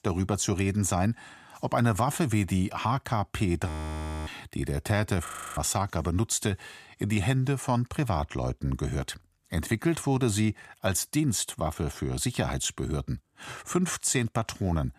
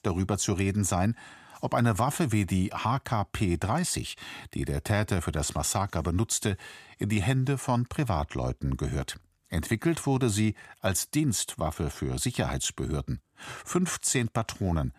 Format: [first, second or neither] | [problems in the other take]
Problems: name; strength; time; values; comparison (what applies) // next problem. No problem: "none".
second | audio freezing; at 3.5 s for 0.5 s and at 5.5 s